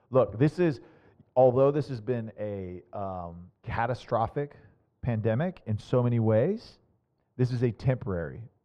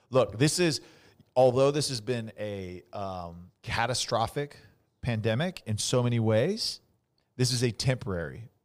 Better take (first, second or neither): second